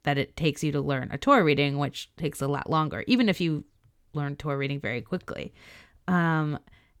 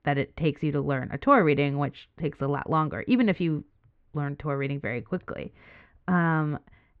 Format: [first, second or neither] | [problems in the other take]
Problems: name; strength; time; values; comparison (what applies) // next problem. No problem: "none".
first | muffled; very; fading above 2.5 kHz